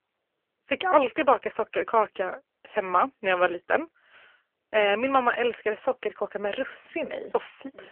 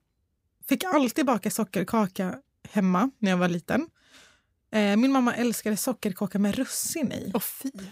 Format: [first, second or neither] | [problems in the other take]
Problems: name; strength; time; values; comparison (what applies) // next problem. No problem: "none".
second | phone-call audio; poor line; nothing above 3 kHz